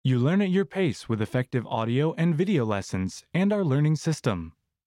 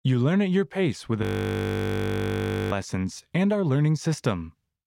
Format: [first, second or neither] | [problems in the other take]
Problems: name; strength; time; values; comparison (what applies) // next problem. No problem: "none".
first | audio freezing; at 1 s for 1.5 s